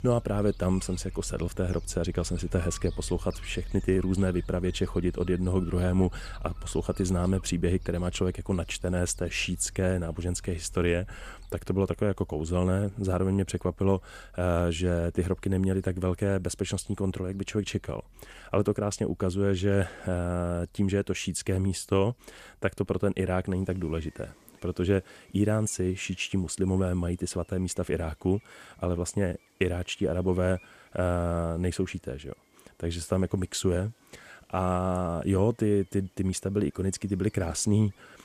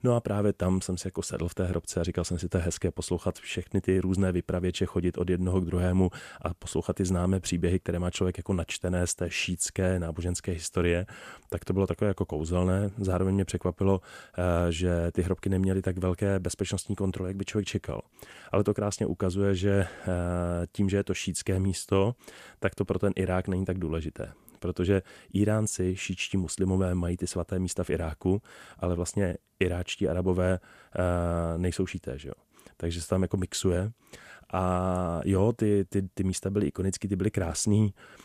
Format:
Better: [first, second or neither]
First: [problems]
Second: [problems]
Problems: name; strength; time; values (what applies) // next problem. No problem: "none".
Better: second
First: animal sounds; noticeable; throughout; 20 dB below the speech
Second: none